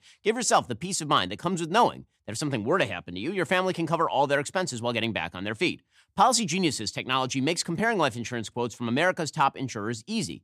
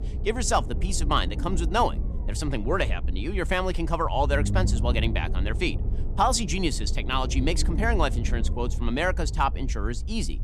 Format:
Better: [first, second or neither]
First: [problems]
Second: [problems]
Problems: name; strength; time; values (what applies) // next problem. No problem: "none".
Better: first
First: none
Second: low rumble; noticeable; throughout; 15 dB below the speech